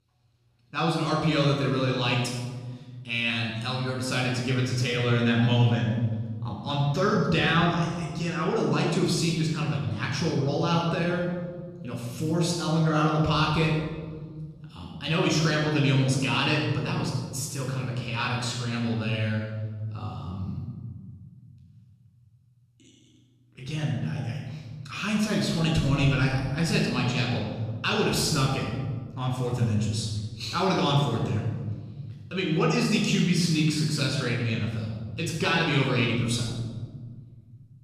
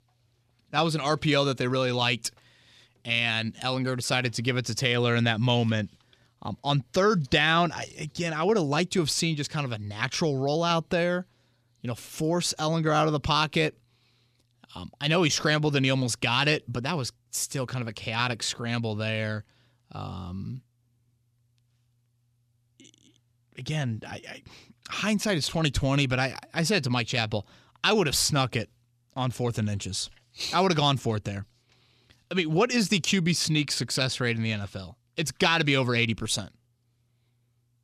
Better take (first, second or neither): second